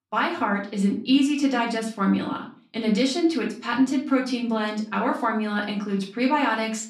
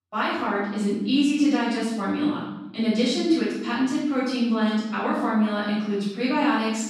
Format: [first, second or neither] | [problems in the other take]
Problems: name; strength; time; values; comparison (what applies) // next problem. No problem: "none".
first | room echo; strong; dies away in 1 s; slight in the first // off-mic speech; far; far in the first